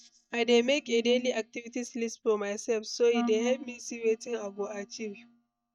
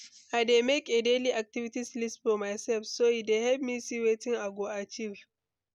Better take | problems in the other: second | noise reduction (neural mask model DeepFilterNet 3)

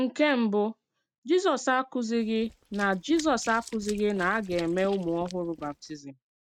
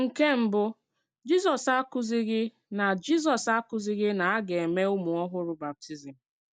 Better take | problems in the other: second | noise reduction (neural mask model RNNoise)

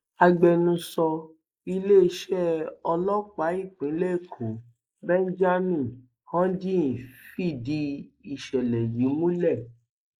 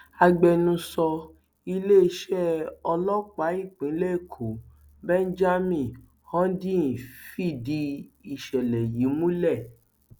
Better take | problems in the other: second | noise reduction (neural mask model Resemble Enhance denoiser)

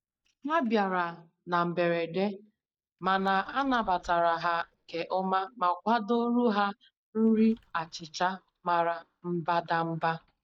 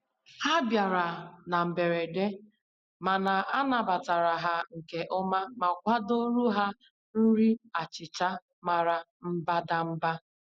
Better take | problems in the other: second | noise reduction (neural mask model DeepFilterNet 3)

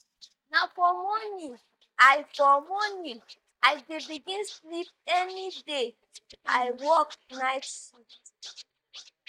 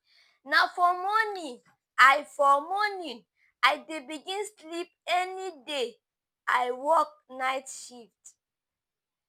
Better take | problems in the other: second | noise reduction (neural mask model DeepFilterNet 3)

